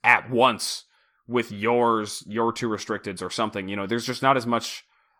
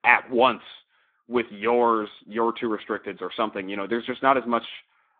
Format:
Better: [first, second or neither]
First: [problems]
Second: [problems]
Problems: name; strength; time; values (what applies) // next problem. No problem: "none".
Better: first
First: none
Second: phone-call audio; nothing above 3.5 kHz